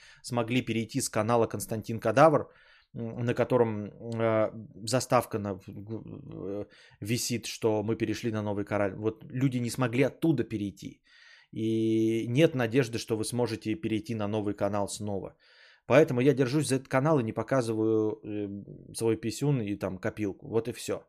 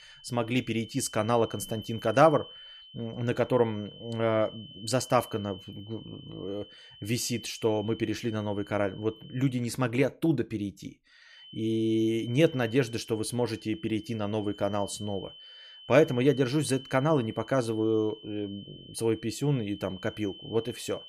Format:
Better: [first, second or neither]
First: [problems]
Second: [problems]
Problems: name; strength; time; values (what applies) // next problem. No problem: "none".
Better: first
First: none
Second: high-pitched whine; noticeable; until 9.5 s and from 11 s on; 3 kHz, 20 dB below the speech